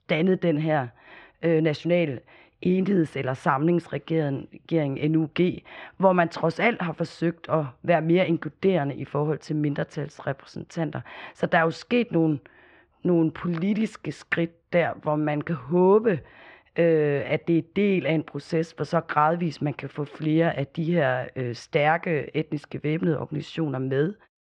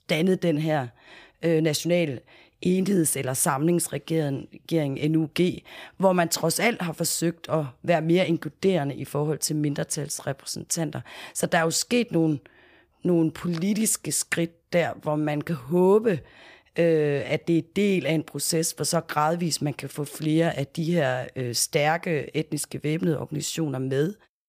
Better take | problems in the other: second | muffled; very; fading above 3 kHz

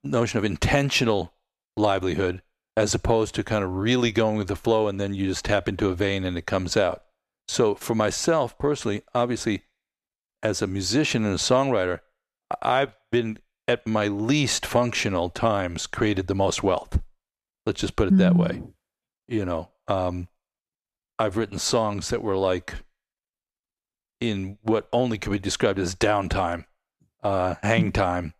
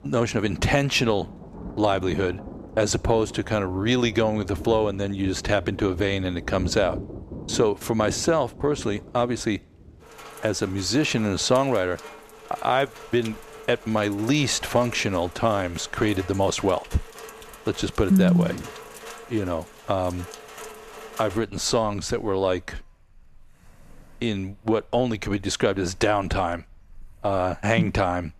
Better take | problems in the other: first | rain or running water; noticeable; throughout; 15 dB below the speech

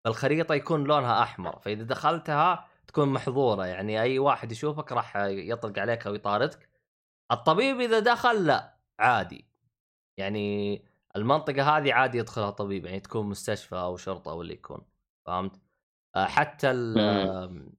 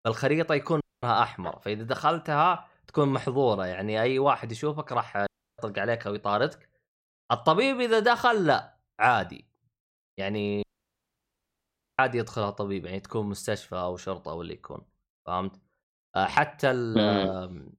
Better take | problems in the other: first | audio cutting out; at 1 s, at 5.5 s and at 11 s for 1.5 s

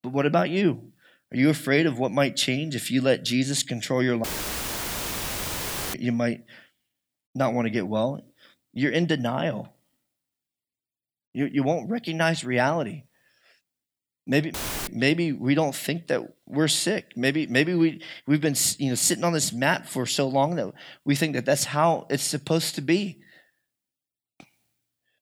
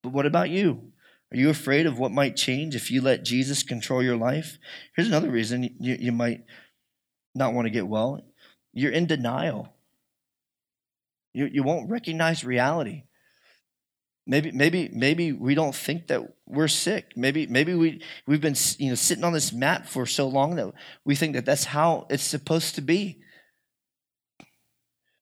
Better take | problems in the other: second | audio cutting out; filled with static; at 4 s for 1.5 s and at 15 s

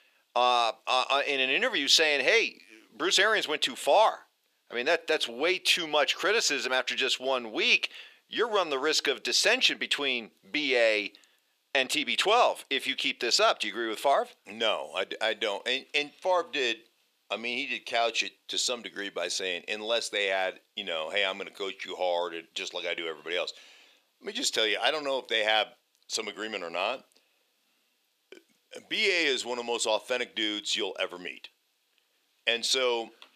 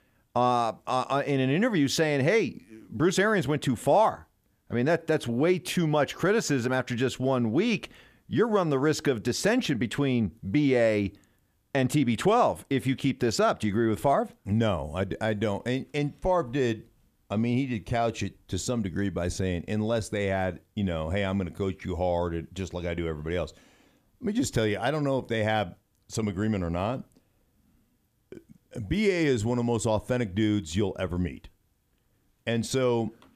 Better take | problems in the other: second | thin; very; fading below 450 Hz

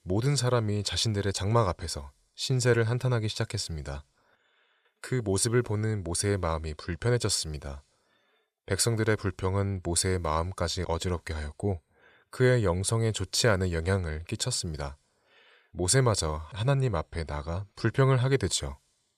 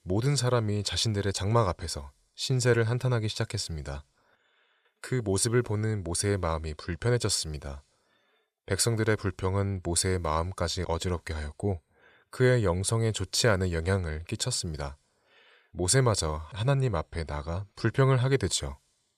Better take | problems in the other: neither | none

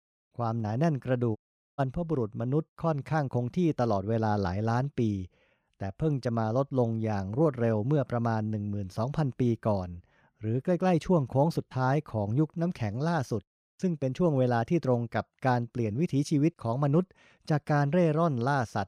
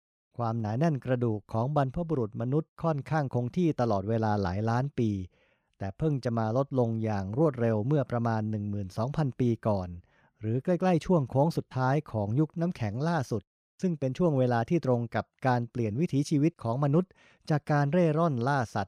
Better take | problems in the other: second | audio cutting out; at 1.5 s

